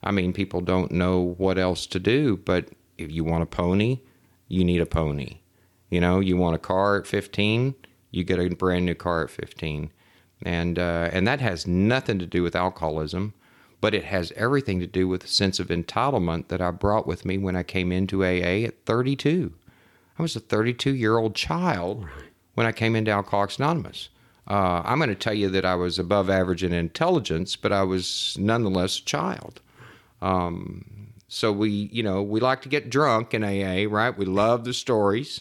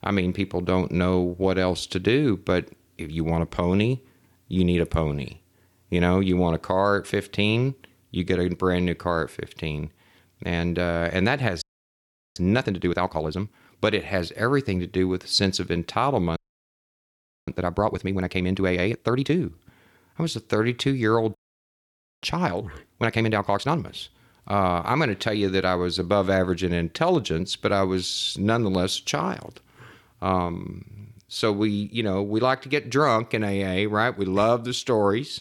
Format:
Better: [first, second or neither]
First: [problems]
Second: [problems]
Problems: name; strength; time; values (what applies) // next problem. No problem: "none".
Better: first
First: none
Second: audio freezing; at 12 s for 0.5 s, at 16 s for 1 s and at 21 s for 1 s